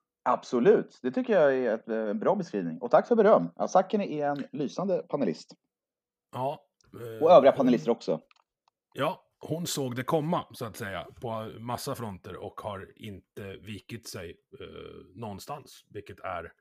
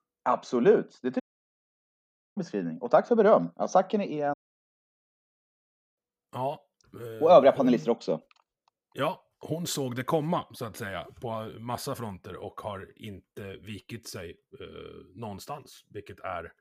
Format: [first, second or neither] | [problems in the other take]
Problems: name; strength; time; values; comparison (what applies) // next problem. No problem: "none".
first | audio cutting out; at 1 s for 1 s and at 4.5 s for 1.5 s